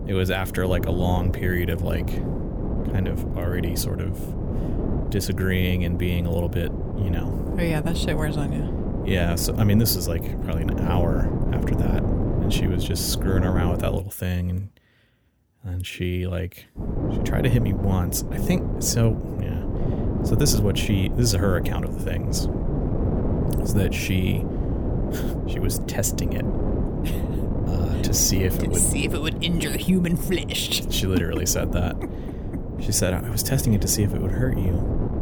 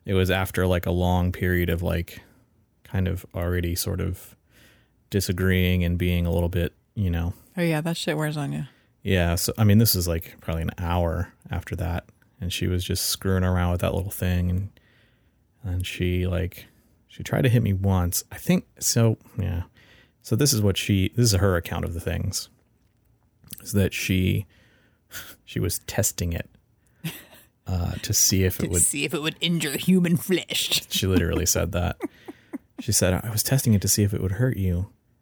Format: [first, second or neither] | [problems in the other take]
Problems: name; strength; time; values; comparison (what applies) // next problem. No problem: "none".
second | wind noise on the microphone; heavy; until 14 s and from 17 s on; 6 dB below the speech